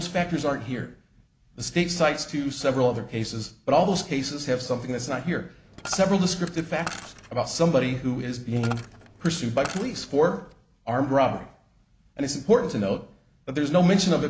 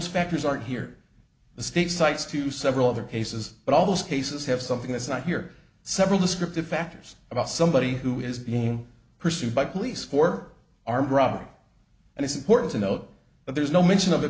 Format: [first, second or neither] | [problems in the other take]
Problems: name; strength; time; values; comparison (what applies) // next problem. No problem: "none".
second | background sound (Coin (dropping)); 15 dB below the speech